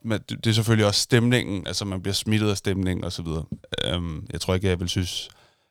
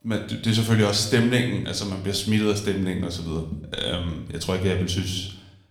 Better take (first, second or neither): first